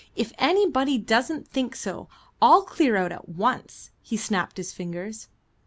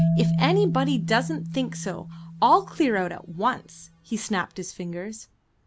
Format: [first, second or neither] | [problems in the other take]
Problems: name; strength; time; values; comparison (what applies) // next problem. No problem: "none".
first | background sound (Marimba, xylophone); 3 dB below the speech